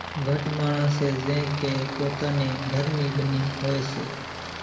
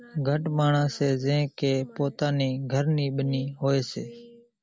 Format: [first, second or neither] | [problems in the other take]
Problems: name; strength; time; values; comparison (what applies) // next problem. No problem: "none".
second | background sound (Aircraft); 9 dB below the speech // room echo; dies away in 2 s